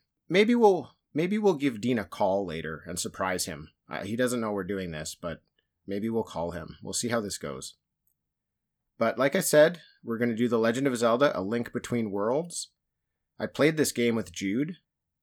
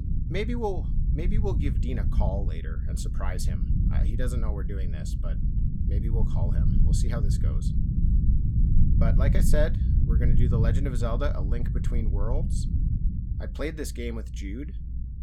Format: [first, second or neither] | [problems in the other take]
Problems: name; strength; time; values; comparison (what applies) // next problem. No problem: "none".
first | low rumble; loud; throughout; 4 dB below the speech